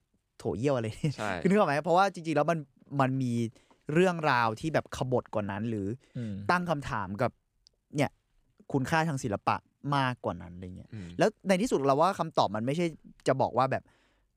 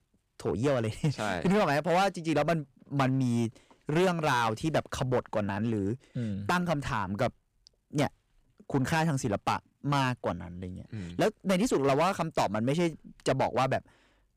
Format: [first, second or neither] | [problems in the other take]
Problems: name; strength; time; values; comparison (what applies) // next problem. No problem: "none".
first | distortion; heavy; 8% of the sound clipped